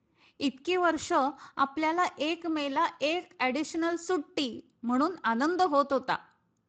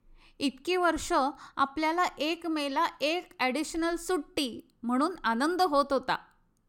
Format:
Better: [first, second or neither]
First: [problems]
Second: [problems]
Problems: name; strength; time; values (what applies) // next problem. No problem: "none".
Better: second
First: garbled, watery; slightly; nothing above 7.5 kHz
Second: none